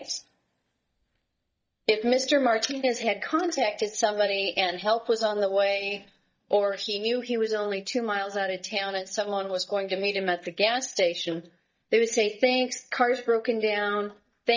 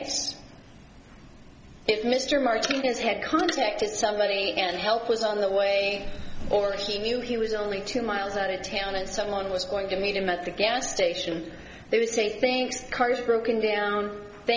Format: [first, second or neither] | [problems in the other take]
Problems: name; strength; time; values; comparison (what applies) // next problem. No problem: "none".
second | noise reduction (neural mask model DeepFilterNet 3)